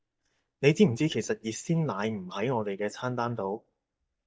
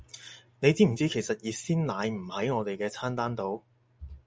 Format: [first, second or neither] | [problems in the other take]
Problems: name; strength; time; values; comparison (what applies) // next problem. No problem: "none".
second | noise reduction (neural mask model DeepFilterNet 3)